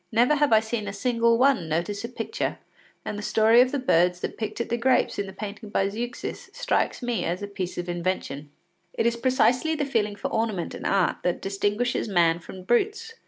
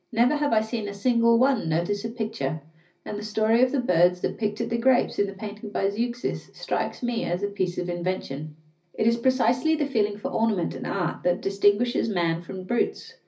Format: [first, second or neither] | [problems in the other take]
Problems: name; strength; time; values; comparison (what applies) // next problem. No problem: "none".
first | room echo; dies away in 0.4 s